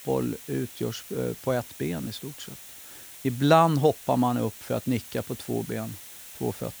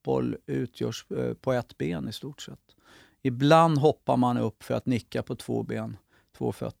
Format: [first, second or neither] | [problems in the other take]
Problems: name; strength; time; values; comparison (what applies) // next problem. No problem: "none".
second | hiss; noticeable; throughout; 15 dB below the speech